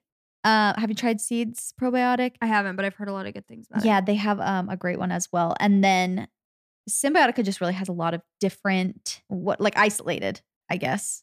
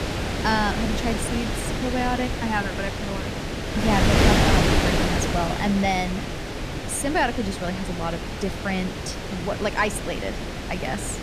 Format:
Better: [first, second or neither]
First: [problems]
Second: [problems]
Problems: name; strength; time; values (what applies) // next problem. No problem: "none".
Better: first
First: none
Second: wind noise on the microphone; heavy; as loud as the speech